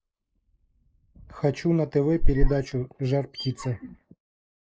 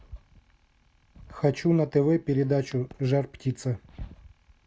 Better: second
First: noise reduction (neural mask model Resemble Enhance denoiser)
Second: none

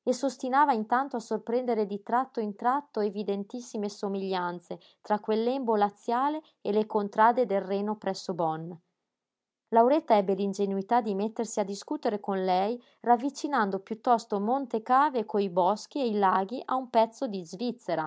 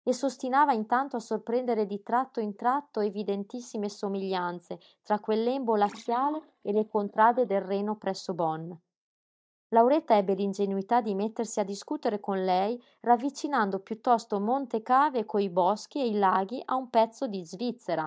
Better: first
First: none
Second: noise reduction (neural mask model DeepFilterNet 3)

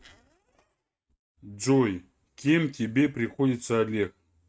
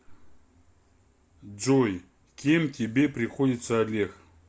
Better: second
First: noise reduction (neural mask model RNNoise)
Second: none

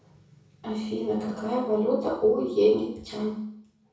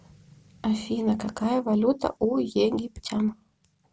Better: second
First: room echo; dies away in 0.6 s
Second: none

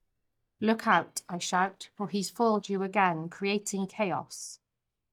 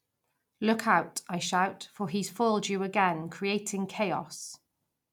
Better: second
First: noise reduction (neural mask model DeepFilterNet 3)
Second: none

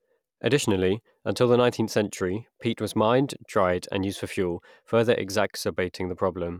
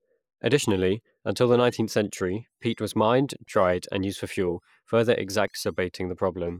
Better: first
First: none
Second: noise reduction (neural mask model Resemble Enhance denoiser)

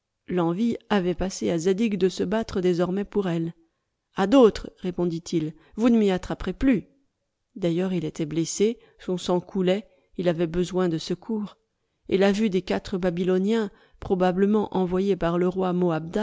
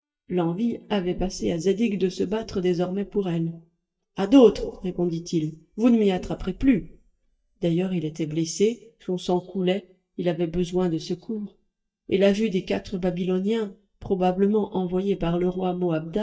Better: first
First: none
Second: noise reduction (neural mask model DeepFilterNet 3)

